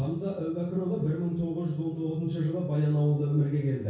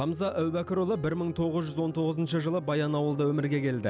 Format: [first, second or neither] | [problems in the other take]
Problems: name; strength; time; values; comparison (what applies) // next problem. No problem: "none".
second | room echo; dies away in 0.6 s